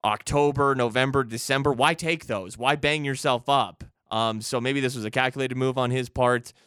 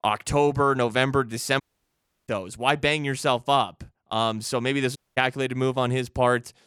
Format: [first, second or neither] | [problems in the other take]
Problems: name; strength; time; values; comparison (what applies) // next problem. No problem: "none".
first | audio cutting out; at 1.5 s for 0.5 s and at 5 s